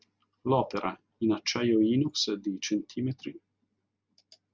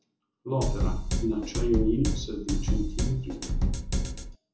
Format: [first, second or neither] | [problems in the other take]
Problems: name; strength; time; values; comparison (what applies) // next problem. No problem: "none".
first | background sound (Drum kit); 3 dB above the speech // room echo; dies away in 0.6 s